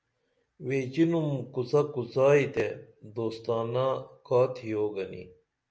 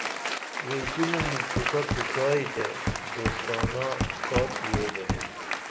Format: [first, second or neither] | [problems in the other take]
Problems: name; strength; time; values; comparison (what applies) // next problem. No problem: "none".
first | background sound (Hammer + Applause); 2 dB above the speech